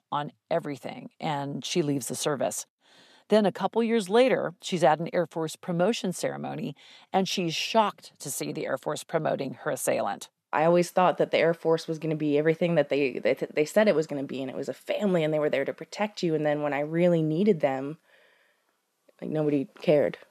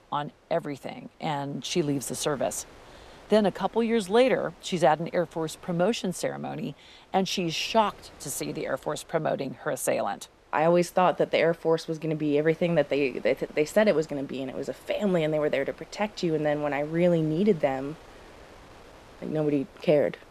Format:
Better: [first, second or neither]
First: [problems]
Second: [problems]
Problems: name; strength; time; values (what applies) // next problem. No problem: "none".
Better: first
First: none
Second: wind noise on the microphone; occasional gusts; 25 dB below the speech